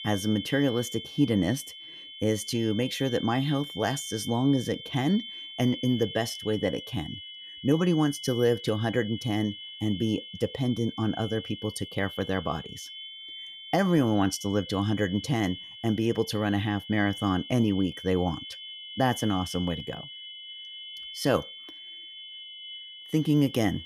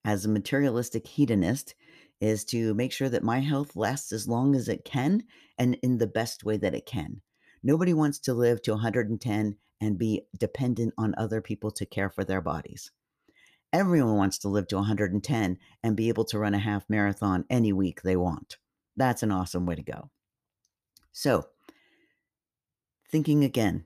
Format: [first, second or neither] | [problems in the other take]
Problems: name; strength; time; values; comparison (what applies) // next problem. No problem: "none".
second | high-pitched whine; noticeable; throughout; 3 kHz, 10 dB below the speech